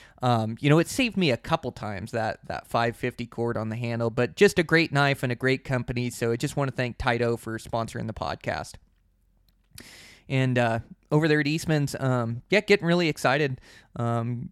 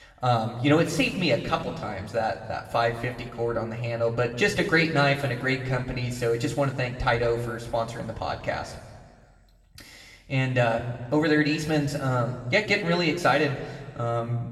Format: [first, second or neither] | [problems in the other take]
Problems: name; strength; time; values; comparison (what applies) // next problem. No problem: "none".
first | room echo; noticeable; dies away in 1.4 s // off-mic speech; somewhat distant